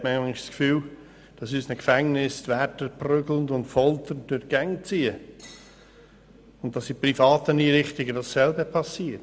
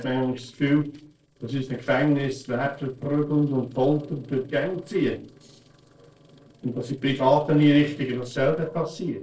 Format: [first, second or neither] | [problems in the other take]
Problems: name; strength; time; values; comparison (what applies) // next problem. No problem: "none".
first | noise reduction (neural separator model SepFormer DNS4)